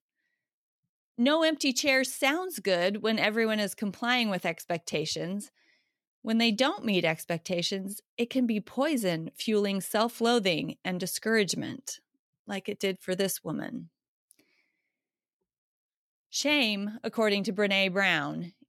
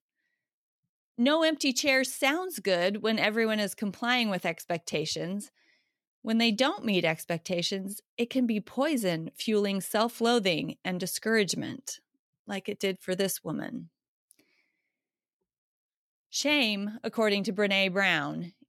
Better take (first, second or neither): neither